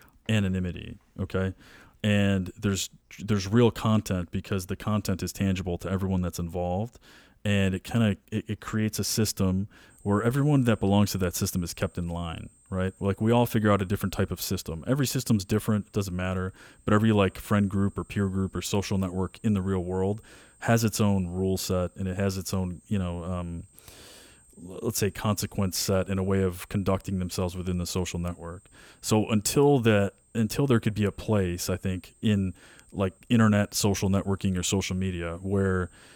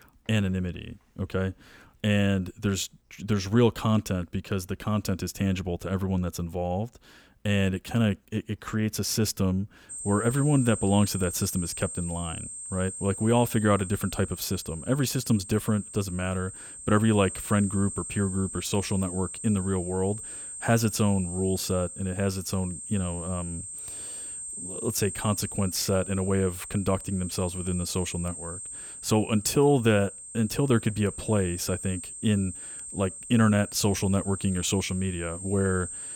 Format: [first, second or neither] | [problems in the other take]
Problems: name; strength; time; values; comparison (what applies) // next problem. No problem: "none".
first | high-pitched whine; loud; from 10 s on; 8.5 kHz, 9 dB below the speech; faint in the first